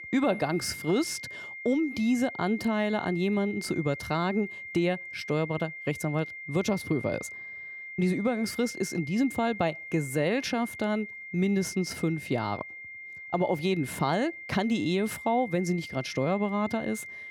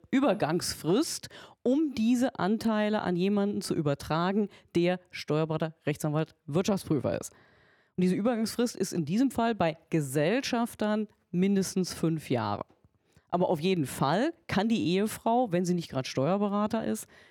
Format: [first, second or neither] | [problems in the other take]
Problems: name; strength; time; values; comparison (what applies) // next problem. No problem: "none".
second | high-pitched whine; noticeable; throughout; 2 kHz, 10 dB below the speech